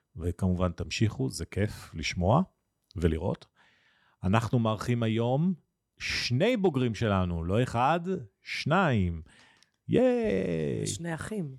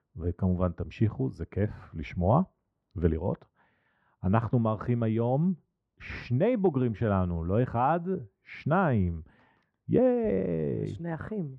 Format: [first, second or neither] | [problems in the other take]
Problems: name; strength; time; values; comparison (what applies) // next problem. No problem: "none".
first | muffled; very; fading above 3.5 kHz